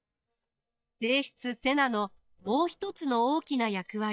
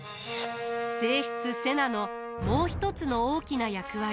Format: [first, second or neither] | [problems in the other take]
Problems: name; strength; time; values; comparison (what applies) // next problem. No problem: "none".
second | noise reduction (neural mask model DeepFilterNet 3)